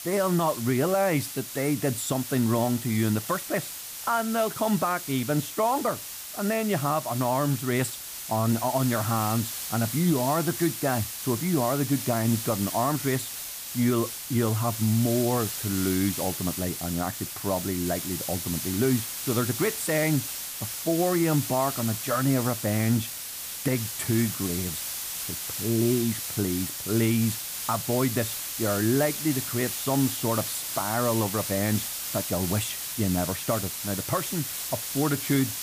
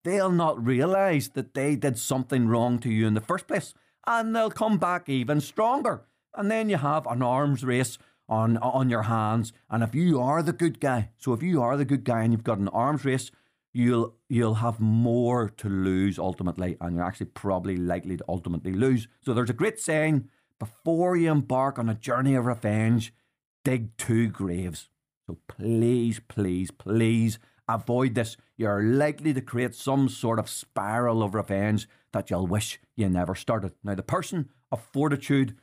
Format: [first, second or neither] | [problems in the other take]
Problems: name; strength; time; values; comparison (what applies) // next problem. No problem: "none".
second | hiss; loud; throughout; 4 dB below the speech